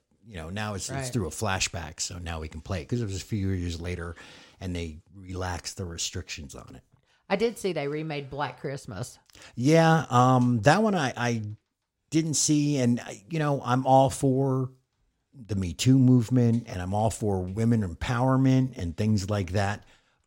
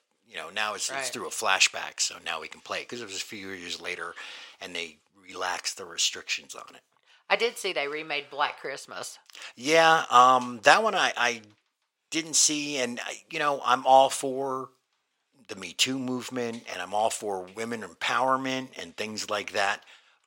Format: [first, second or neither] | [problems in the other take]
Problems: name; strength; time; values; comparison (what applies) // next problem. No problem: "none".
first | thin; very; fading below 550 Hz